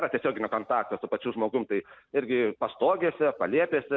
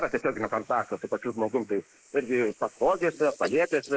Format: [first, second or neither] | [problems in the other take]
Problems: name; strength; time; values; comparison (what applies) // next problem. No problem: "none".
first | noise reduction (neural mask model Resemble Enhance denoiser)